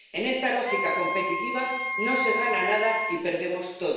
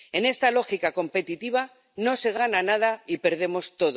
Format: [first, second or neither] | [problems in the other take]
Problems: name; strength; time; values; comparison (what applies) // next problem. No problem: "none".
second | background sound (Wind instrument, woodwind instrument); 2 dB below the speech // room echo; dies away in 0.9 s